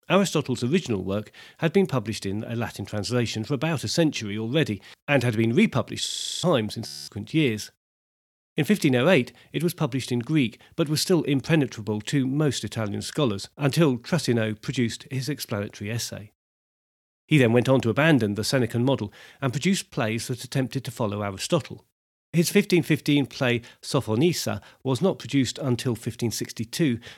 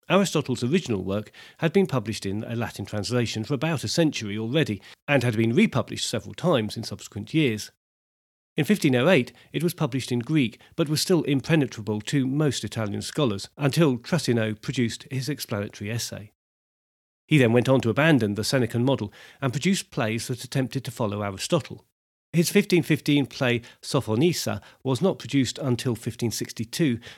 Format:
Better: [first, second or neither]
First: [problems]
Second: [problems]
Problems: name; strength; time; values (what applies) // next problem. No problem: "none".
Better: second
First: audio freezing; at 6 s and at 7 s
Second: none